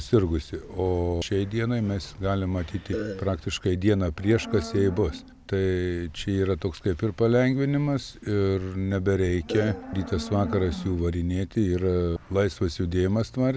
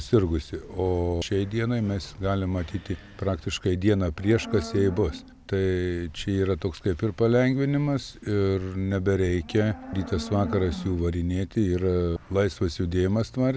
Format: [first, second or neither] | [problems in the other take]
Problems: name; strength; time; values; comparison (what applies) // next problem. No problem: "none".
second | background sound (Burping, eructation); 8 dB below the speech